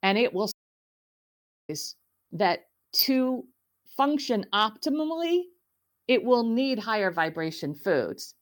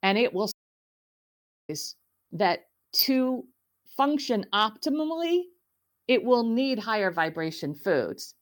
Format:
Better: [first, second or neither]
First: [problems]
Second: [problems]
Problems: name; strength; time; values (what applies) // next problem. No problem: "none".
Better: neither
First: audio cutting out; at 0.5 s for 1 s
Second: audio cutting out; at 0.5 s for 1 s